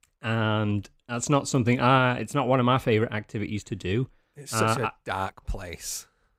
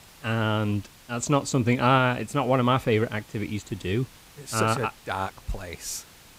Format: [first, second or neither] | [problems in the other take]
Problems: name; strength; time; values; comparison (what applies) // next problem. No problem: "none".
first | hiss; faint; throughout; 25 dB below the speech